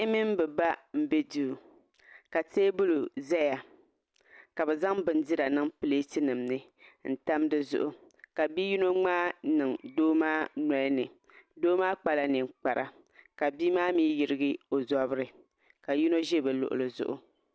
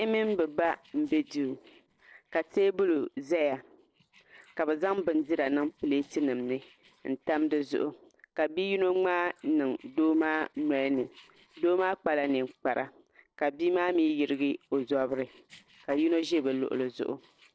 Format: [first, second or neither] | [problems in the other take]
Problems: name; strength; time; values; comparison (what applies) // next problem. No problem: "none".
first | noise reduction (neural separator model SepFormer DNS4)